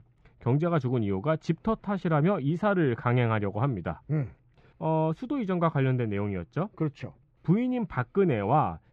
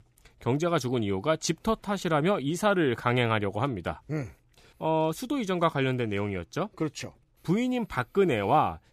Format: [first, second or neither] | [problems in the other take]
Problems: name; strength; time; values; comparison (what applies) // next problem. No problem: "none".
second | muffled; very; fading above 2 kHz